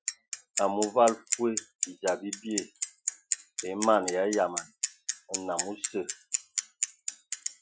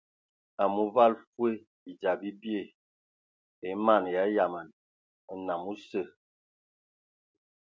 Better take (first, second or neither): second